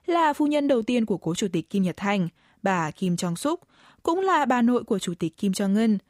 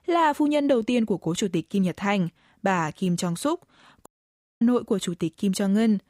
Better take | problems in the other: first | audio cutting out; at 4 s for 0.5 s

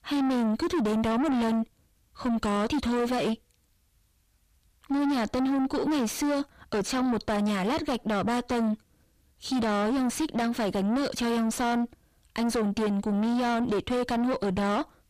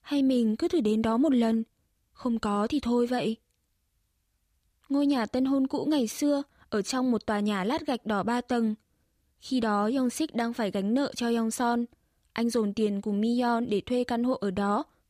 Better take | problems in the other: second | distortion; heavy; 5 dB below the speech

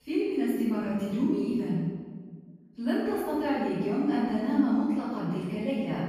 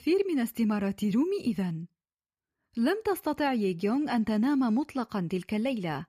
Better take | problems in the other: second | room echo; strong; dies away in 1.5 s // off-mic speech; far

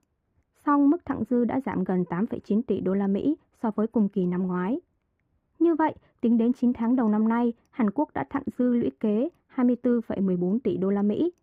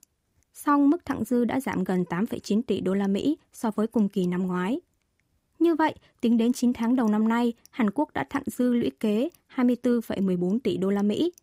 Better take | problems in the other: second | muffled; very; fading above 3 kHz

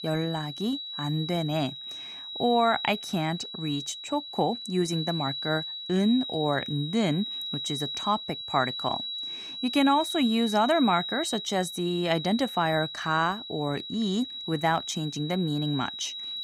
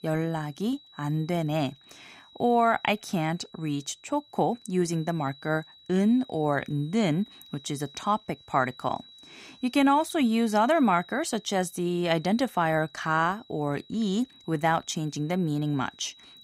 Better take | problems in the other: second | high-pitched whine; loud; throughout; 4 kHz, 6 dB below the speech; faint in the second

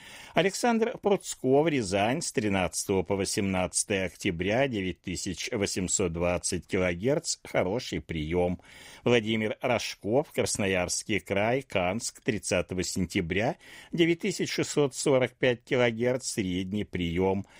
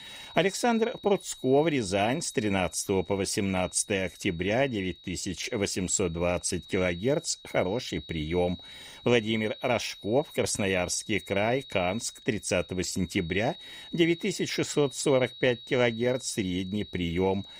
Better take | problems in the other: first | high-pitched whine; noticeable; throughout; 4 kHz, 15 dB below the speech

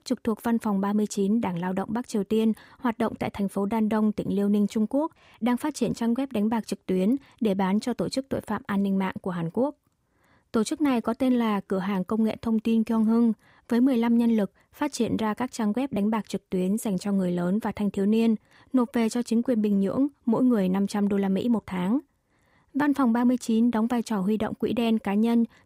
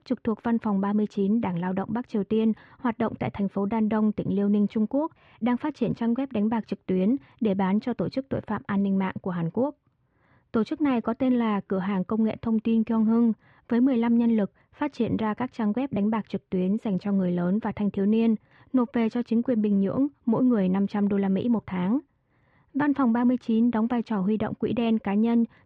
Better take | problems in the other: first | muffled; slightly; fading above 3 kHz

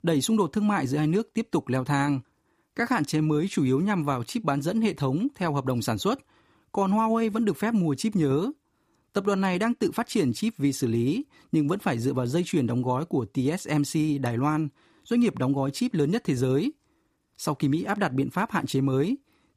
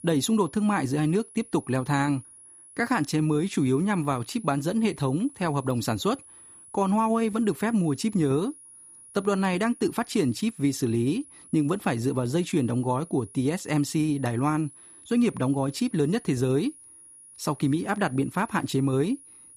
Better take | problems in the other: first | high-pitched whine; faint; throughout; 10.5 kHz, 20 dB below the speech

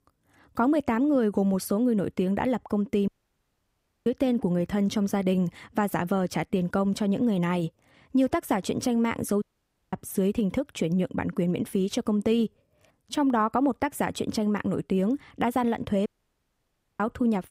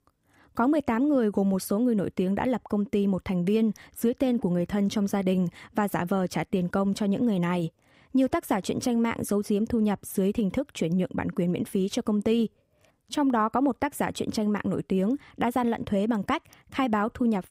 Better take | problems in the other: second | audio cutting out; at 3 s for 1 s, at 9.5 s for 0.5 s and at 16 s for 1 s

